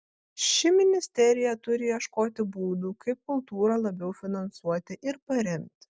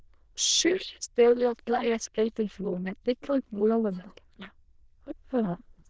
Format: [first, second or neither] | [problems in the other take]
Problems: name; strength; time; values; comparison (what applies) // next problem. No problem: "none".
first | noise reduction (neural diffusion model UNIVERSE++)